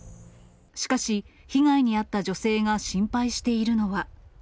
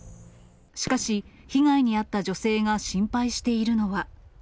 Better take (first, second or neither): first